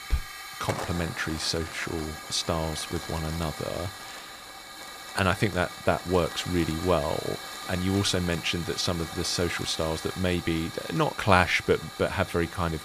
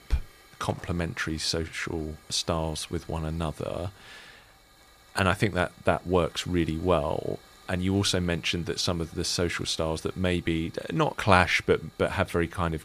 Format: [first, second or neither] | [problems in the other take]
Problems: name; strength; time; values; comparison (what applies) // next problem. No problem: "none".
second | hiss; loud; throughout; 10 dB below the speech; faint in the second